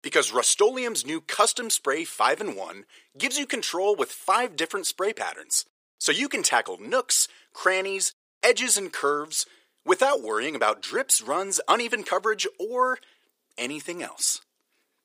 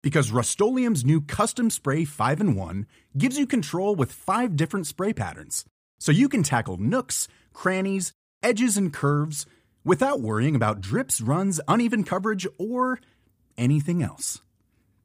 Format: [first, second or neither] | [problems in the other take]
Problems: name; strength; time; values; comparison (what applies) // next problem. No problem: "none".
second | thin; very; fading below 400 Hz